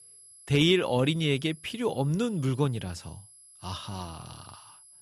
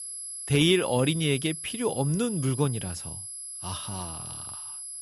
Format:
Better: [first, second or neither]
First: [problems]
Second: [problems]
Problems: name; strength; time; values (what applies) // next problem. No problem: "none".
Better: first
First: high-pitched whine; faint; throughout; 11 kHz, 25 dB below the speech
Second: high-pitched whine; loud; throughout; 11 kHz, 9 dB below the speech